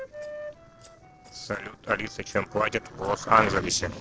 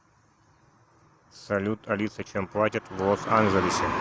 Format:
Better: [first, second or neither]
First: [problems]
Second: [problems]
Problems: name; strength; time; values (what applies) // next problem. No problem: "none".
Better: second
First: noise reduction (neural separator model SepFormer DNS4)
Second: none